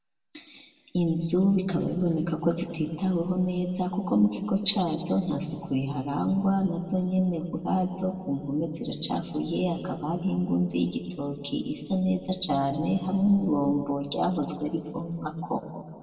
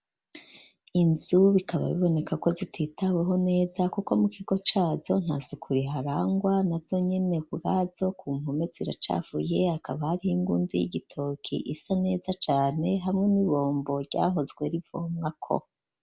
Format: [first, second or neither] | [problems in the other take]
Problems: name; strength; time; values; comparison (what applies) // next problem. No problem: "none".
second | room echo; dies away in 1.7 s